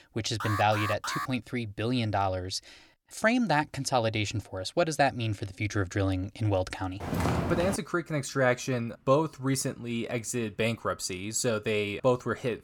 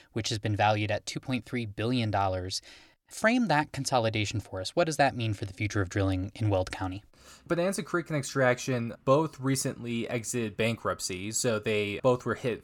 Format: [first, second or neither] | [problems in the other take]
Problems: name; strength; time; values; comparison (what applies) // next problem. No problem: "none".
second | alarm; noticeable; at 0.5 s; peak 4 dB below the speech // footsteps; loud; at 7 s; peak level with the speech